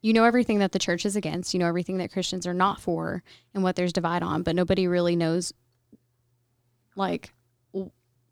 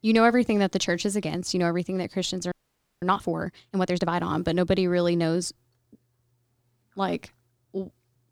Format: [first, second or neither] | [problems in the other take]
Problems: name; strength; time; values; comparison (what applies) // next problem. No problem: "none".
first | audio freezing; at 2.5 s for 0.5 s